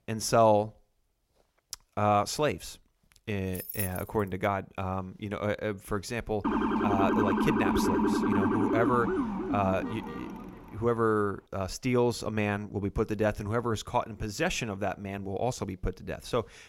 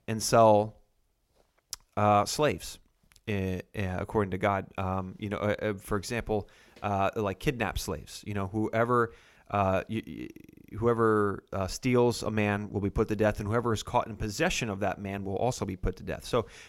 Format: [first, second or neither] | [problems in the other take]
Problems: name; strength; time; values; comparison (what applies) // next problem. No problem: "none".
second | jangling keys; noticeable; at 3.5 s; peak 4 dB below the speech // siren; loud; from 6.5 to 10 s; peak 4 dB above the speech